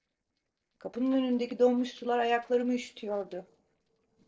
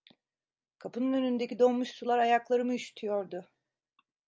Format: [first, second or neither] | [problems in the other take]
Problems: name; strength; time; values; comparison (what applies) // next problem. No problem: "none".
second | noise reduction (neural separator model SepFormer DNS4)